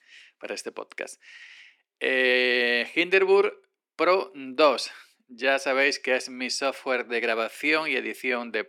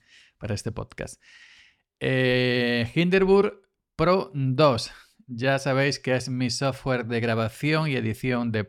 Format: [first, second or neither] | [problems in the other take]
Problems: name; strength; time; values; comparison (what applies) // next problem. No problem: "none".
second | thin; somewhat; fading below 300 Hz